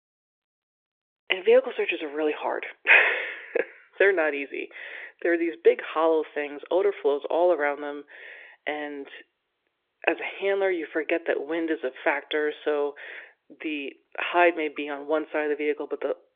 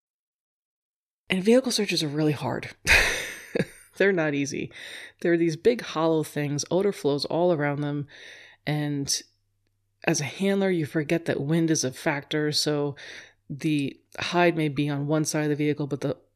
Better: second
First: phone-call audio; nothing above 3.5 kHz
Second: none

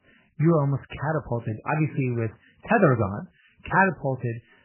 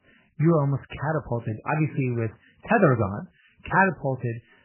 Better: neither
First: garbled, watery; badly; nothing above 2.5 kHz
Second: garbled, watery; badly; nothing above 2.5 kHz

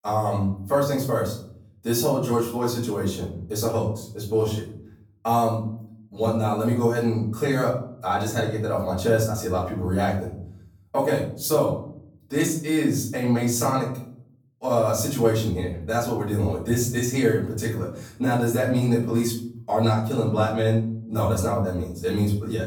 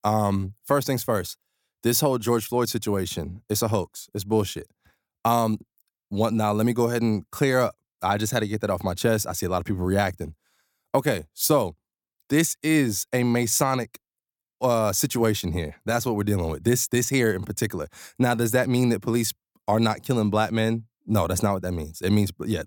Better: second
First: off-mic speech; far // room echo; noticeable; dies away in 0.6 s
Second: none

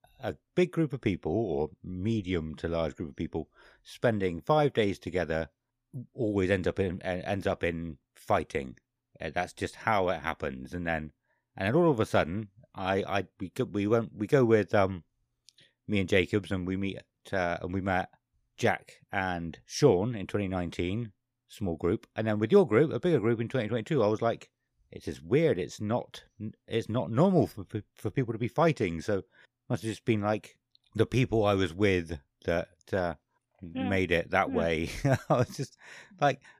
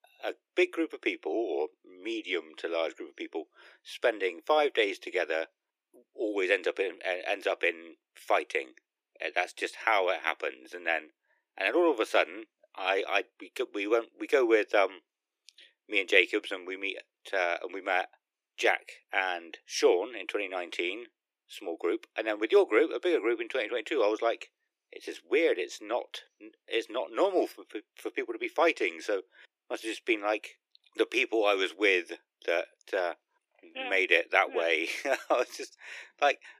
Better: first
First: none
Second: thin; very; fading below 350 Hz

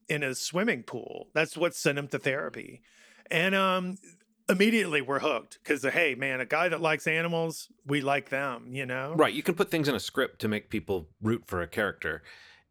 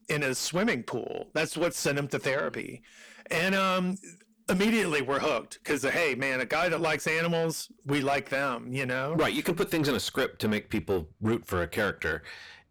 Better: first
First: none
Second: distortion; heavy; 7 dB below the speech

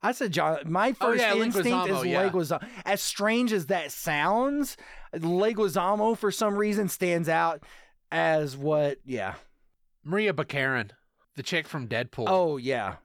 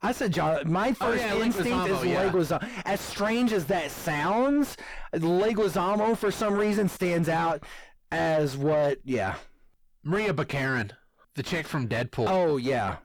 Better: first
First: none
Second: distortion; heavy; 6 dB below the speech

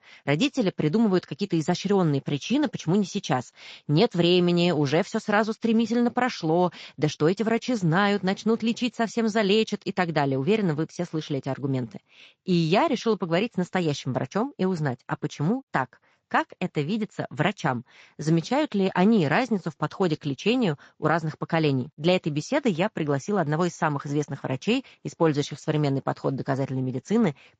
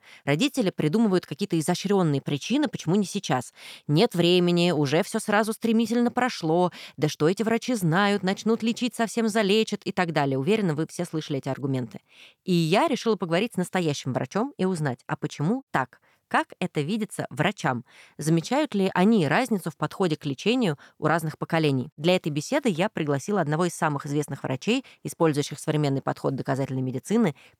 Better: second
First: garbled, watery; slightly; nothing above 7.5 kHz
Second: none

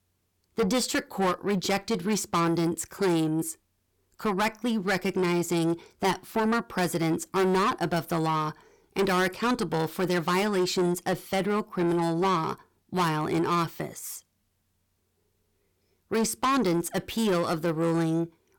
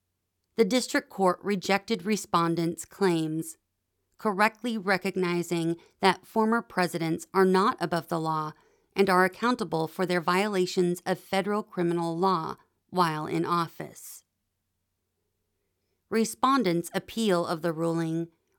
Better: second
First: distortion; heavy; 7 dB below the speech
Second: none

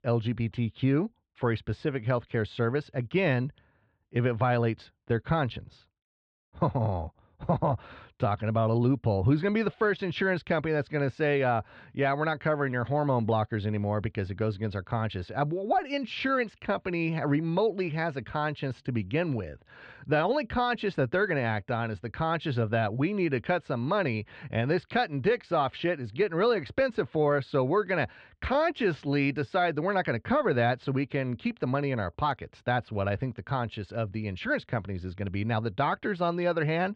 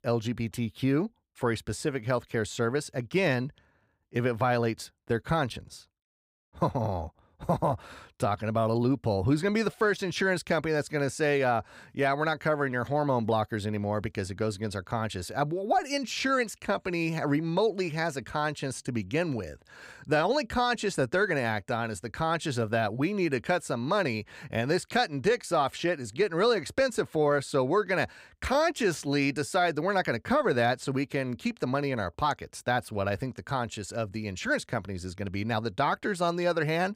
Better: second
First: muffled; slightly; fading above 3.5 kHz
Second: none

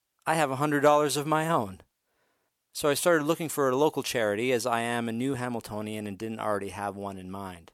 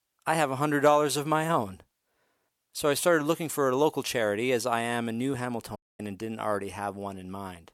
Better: first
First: none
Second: audio cutting out; at 6 s

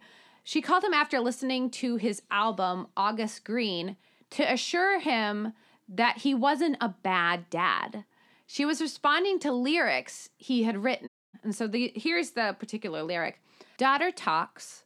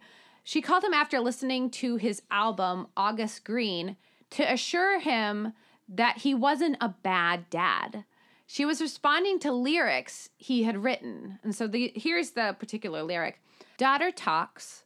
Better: second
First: audio cutting out; at 11 s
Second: none

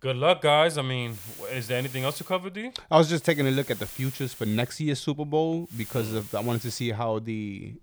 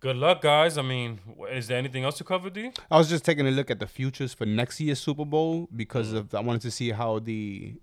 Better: second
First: hiss; noticeable; from 1 to 2.5 s, from 3.5 to 4.5 s and from 5.5 to 7 s; 15 dB below the speech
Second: none

